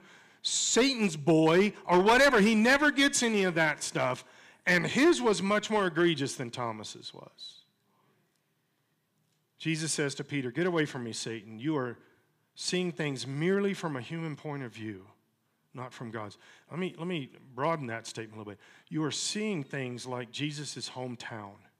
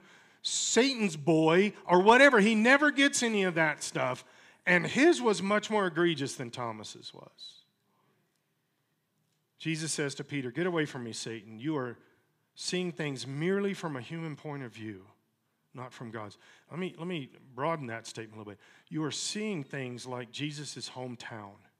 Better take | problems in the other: second | distortion; slight; 1.6% of the sound clipped

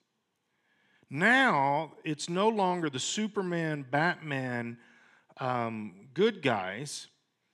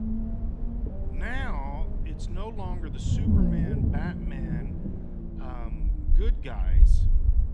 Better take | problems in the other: first | low rumble; loud; throughout; 1 dB below the speech

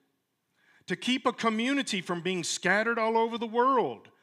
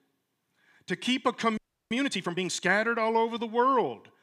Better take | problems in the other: first | audio freezing; at 1.5 s

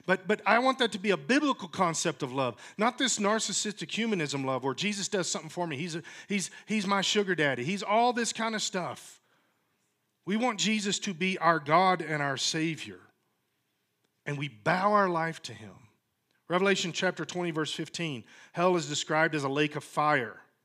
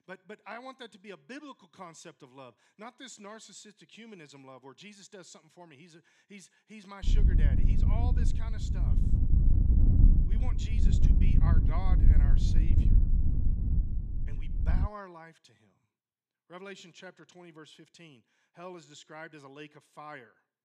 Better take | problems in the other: first | wind noise on the microphone; heavy; from 7 to 15 s; 2 dB above the speech

